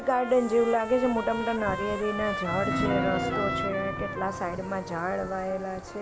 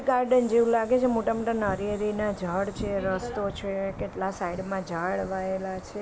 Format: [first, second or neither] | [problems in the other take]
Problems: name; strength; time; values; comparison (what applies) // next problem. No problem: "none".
second | background sound (Trumpet + Piano); 5 dB below the speech